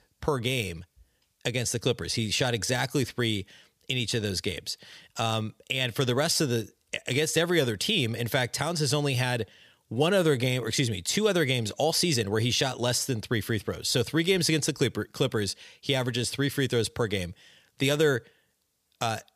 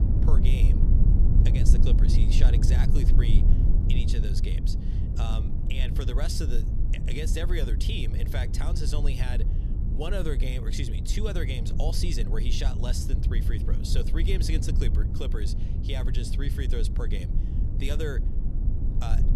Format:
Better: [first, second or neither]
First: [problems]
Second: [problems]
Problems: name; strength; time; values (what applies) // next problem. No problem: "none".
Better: first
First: none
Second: low rumble; loud; throughout; 4 dB below the speech